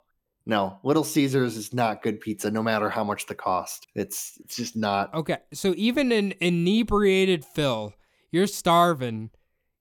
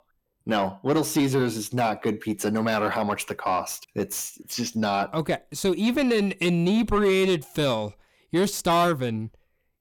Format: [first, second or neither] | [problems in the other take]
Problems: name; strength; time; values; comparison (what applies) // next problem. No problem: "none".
first | distortion; slight; 10 dB below the speech